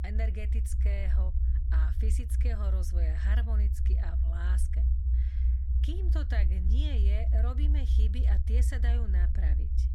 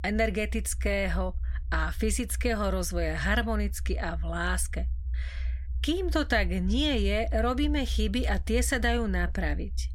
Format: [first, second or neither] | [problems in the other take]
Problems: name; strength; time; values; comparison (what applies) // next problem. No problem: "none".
second | low rumble; loud; throughout; 3 dB below the speech; faint in the second